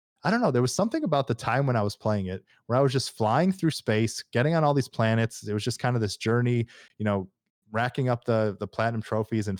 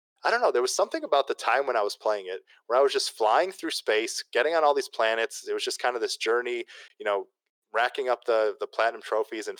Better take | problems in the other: first | thin; very; fading below 400 Hz

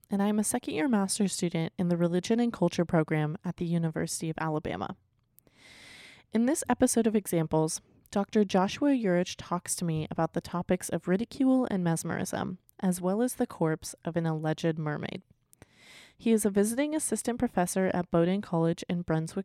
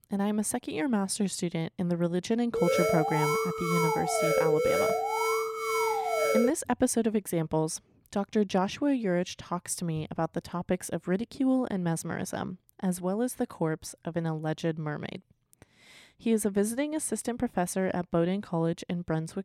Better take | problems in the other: first | alarm; loud; from 2.5 to 6.5 s; peak 5 dB above the speech

